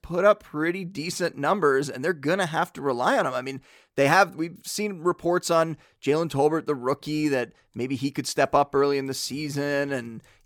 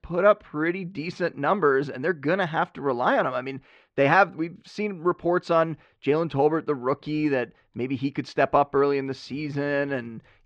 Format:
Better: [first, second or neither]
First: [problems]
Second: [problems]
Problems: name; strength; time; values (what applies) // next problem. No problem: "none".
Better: first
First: none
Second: muffled; slightly; fading above 3.5 kHz